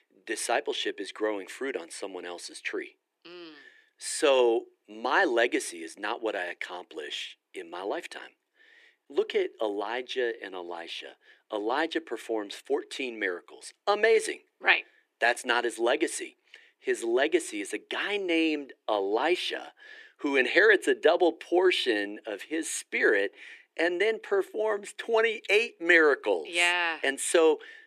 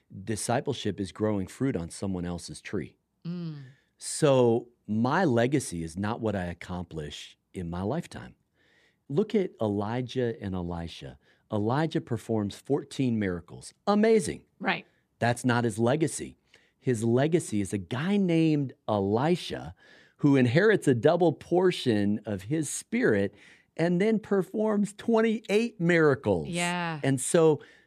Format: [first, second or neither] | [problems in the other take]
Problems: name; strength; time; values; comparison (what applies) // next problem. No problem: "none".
second | thin; very; fading below 350 Hz